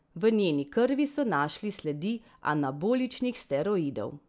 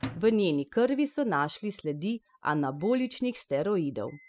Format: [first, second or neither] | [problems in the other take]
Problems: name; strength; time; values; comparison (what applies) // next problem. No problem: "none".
first | noise reduction (classical method spectral subtraction)